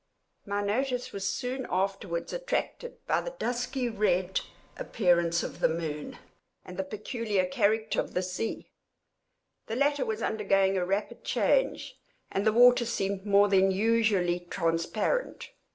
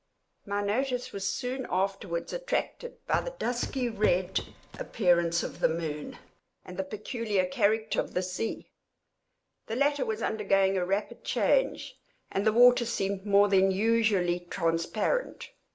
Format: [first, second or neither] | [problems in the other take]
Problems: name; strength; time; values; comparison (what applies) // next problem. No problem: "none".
first | background sound (Walk, footsteps); 11 dB below the speech